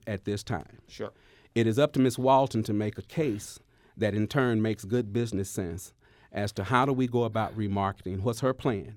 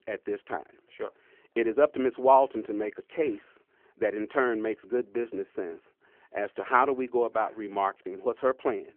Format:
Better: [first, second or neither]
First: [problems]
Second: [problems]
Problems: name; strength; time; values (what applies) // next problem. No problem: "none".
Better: first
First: none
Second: phone-call audio